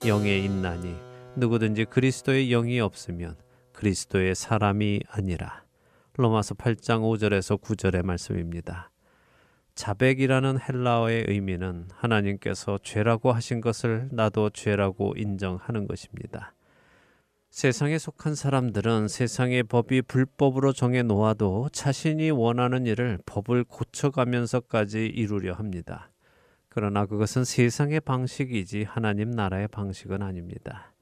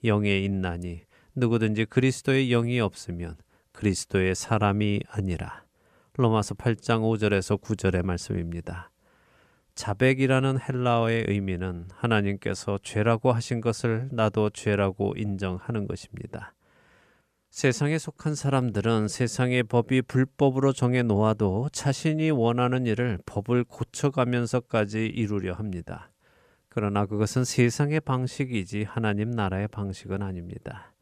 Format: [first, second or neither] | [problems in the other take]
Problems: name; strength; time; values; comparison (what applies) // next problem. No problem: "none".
second | background music; noticeable; throughout; 20 dB below the speech